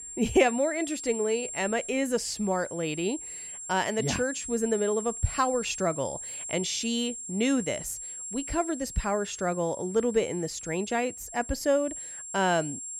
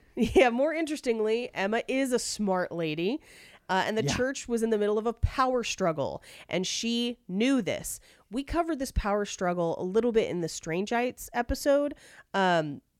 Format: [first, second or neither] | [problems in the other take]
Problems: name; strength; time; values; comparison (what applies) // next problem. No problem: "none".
second | high-pitched whine; loud; throughout; 7.5 kHz, 8 dB below the speech